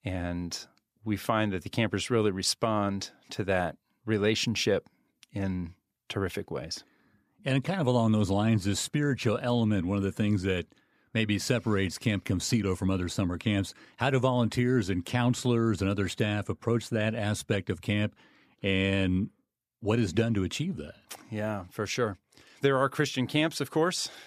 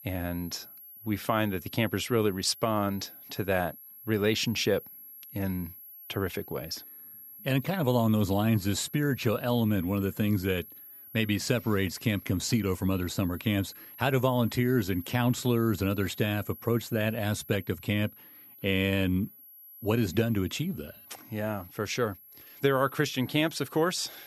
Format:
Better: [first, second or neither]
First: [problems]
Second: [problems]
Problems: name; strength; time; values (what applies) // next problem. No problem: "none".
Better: first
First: none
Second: high-pitched whine; noticeable; throughout; 11.5 kHz, 15 dB below the speech